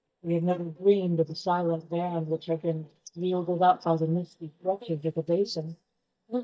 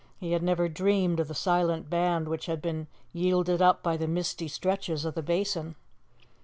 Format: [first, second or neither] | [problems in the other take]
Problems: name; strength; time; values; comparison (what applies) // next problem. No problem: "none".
second | noise reduction (neural mask model DeepFilterNet 3)